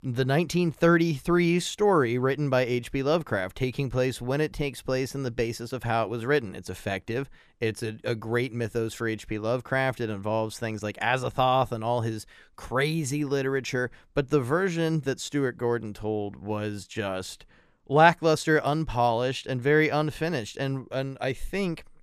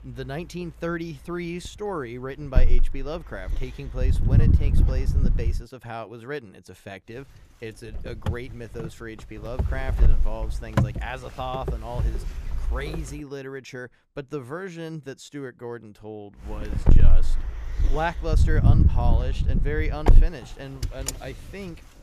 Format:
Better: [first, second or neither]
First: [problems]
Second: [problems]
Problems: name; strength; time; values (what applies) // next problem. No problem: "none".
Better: first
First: none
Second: wind noise on the microphone; heavy; until 5.5 s, from 7 to 13 s and from 16 s on; 3 dB below the speech